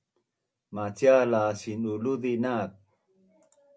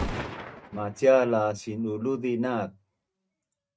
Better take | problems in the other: first | noise reduction (neural mask model RNNoise)

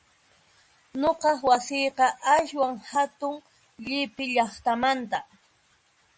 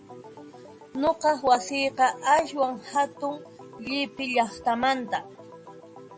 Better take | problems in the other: first | background sound (Organ); 18 dB below the speech

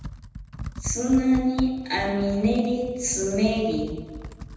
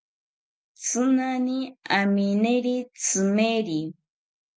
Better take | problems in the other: second | background sound (Computer keyboard); 11 dB below the speech // room echo; dies away in 1.1 s

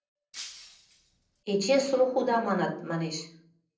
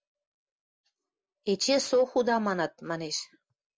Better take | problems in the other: second | noise reduction (neural separator model SepFormer DNS4)

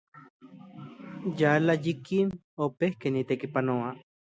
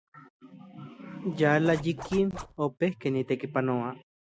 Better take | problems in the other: first | background sound (Zipper (clothing)); 13 dB below the speech

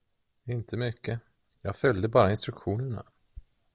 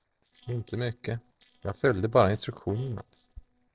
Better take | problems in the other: first | noise reduction (neural separator model SepFormer DNS4)

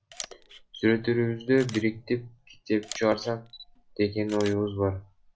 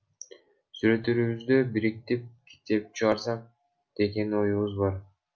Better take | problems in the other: second | background sound (Camera); 19 dB below the speech

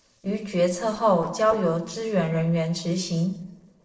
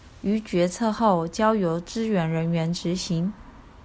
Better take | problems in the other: second | noise reduction (neural separator model SepFormer DNS4)

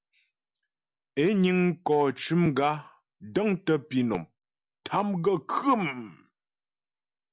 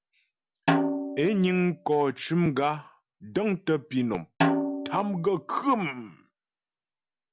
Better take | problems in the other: first | background sound (Snare drum); 3 dB below the speech

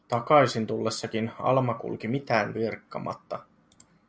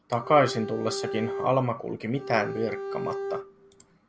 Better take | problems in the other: first | background sound (Bowed string instrument); 8 dB below the speech

